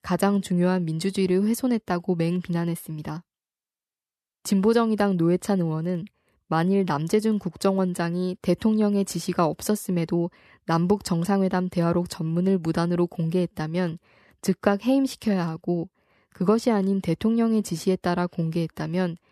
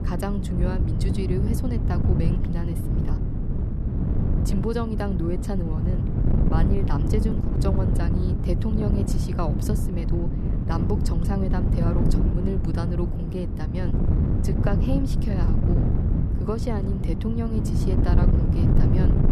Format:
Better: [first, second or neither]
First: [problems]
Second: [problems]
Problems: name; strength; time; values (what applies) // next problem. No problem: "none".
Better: first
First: none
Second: wind noise on the microphone; heavy; 1 dB below the speech